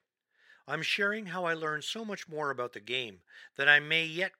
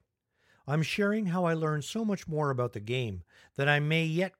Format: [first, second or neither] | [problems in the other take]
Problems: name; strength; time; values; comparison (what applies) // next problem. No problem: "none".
second | thin; very; fading below 300 Hz